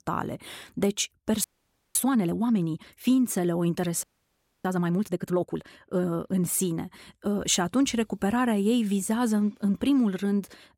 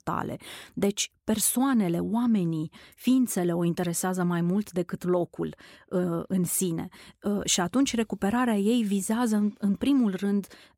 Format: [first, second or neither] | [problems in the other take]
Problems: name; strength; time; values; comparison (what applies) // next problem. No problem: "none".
second | audio freezing; at 1.5 s for 0.5 s and at 4 s for 0.5 s